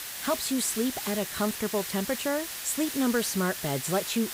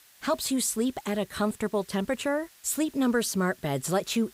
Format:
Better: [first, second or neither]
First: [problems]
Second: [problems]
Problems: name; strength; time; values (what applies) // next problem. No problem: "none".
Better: second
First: hiss; loud; throughout; 5 dB below the speech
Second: hiss; faint; throughout; 25 dB below the speech